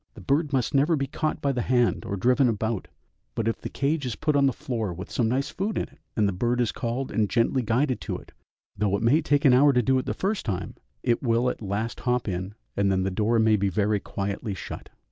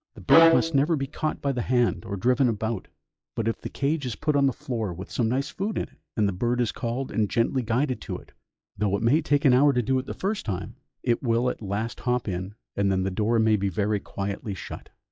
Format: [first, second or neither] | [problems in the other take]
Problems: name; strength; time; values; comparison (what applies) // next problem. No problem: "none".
first | noise reduction (classical method log-MMSE)